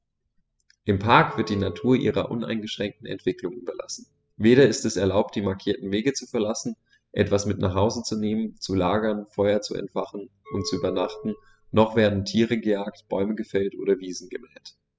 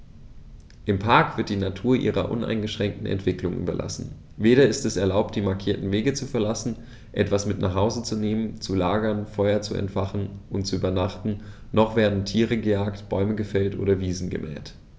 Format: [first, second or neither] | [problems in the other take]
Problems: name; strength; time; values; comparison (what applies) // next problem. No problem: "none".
second | noise reduction (classical method spectral subtraction)